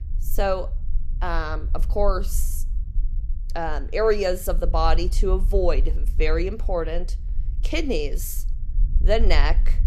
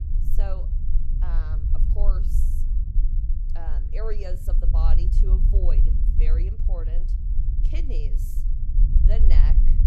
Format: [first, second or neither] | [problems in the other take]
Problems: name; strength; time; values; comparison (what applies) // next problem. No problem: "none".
first | low rumble; loud; throughout; 4 dB below the speech; faint in the first